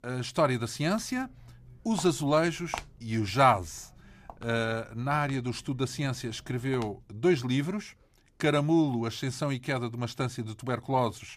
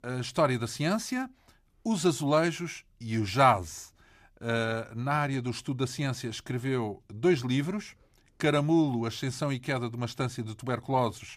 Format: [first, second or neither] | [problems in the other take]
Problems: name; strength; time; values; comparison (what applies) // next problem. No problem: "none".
second | footsteps; faint; from 1 to 7 s; peak 10 dB below the speech